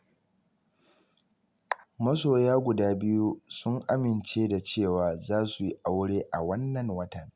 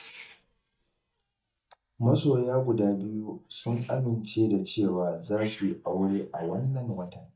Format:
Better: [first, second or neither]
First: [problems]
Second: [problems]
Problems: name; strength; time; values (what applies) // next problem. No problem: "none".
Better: first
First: none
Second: noise reduction (neural mask model DeepFilterNet 3)